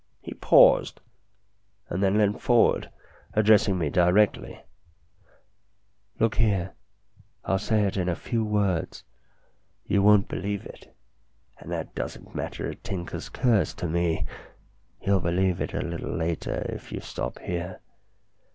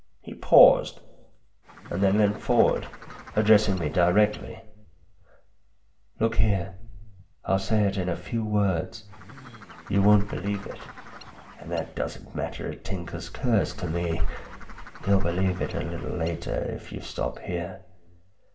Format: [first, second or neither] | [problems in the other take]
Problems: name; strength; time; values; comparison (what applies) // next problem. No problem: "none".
first | background sound (Bird); 19 dB below the speech // room echo; dies away in 0.5 s